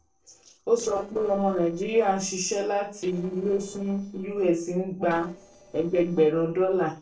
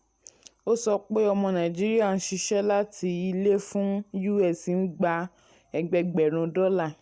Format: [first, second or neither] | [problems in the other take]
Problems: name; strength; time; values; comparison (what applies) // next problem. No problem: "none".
second | noise reduction (neural separator model SepFormer DNS4)